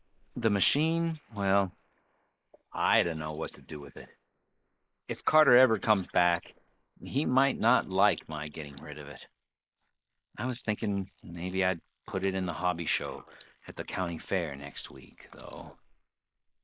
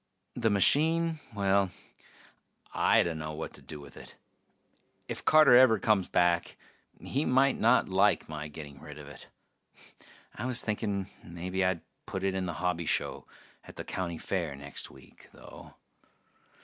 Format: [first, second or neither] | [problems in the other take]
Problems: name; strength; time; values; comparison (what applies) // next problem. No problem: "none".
second | noise reduction (neural mask model Resemble Enhance denoiser)